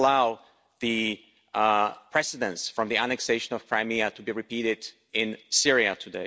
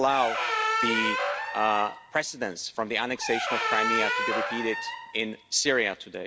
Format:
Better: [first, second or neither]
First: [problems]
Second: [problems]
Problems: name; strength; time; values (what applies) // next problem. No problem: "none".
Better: first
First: none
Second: background sound (Squeak); 1 dB below the speech